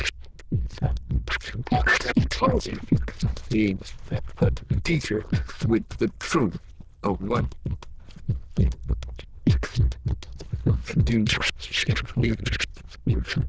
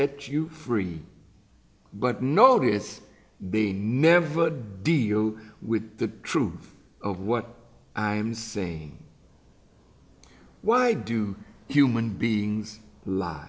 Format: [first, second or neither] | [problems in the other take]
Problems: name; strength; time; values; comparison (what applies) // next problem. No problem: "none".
second | noise reduction (neural diffusion model UNIVERSE++)